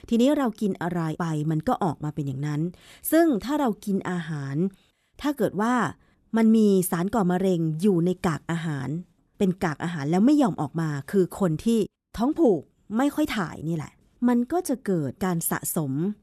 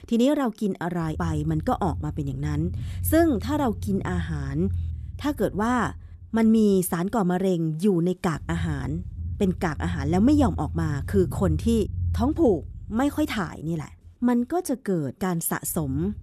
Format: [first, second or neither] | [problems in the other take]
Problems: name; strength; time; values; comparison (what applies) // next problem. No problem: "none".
first | low rumble; faint; throughout; 20 dB below the speech